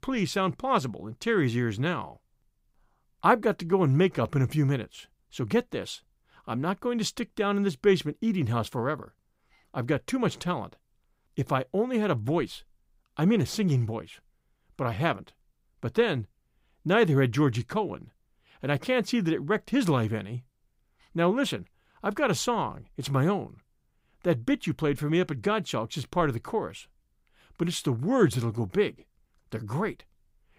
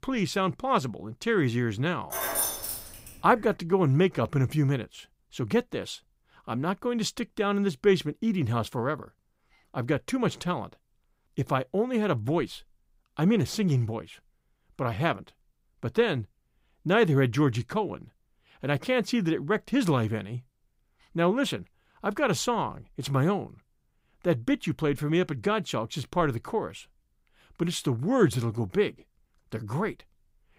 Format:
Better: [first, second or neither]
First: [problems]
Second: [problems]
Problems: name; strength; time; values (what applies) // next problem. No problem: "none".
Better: first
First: none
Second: jangling keys; loud; at 2 s; peak 1 dB above the speech